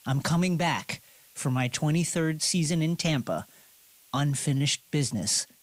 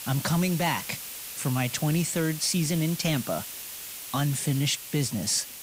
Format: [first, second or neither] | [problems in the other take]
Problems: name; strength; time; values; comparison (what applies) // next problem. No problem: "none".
first | hiss; loud; throughout; 9 dB below the speech; faint in the first